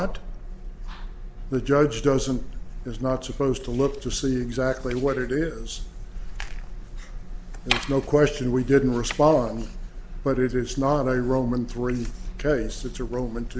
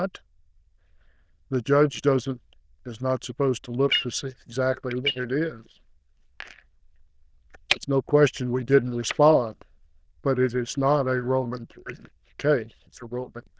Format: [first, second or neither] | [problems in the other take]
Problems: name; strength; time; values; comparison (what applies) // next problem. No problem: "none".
first | noise reduction (neural diffusion model UNIVERSE++)